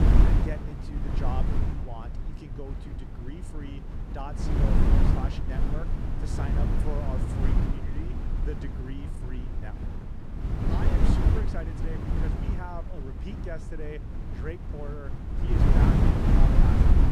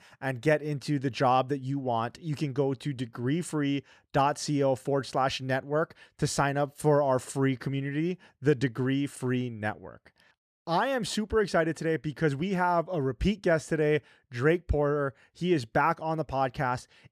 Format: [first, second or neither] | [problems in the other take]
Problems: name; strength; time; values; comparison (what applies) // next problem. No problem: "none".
second | wind noise on the microphone; heavy; 5 dB above the speech